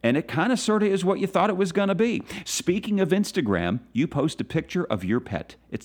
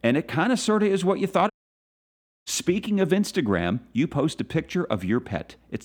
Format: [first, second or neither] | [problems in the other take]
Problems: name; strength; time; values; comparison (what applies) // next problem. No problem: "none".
first | audio cutting out; at 1.5 s for 1 s